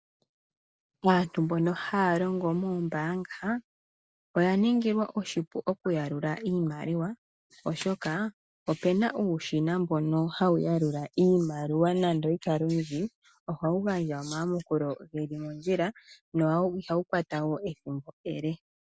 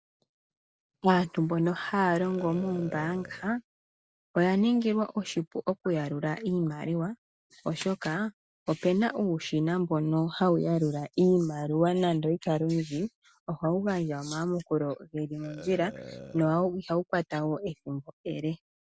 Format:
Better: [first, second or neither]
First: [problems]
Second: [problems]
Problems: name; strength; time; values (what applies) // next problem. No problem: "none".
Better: first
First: none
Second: background sound (Burping, eructation); 19 dB below the speech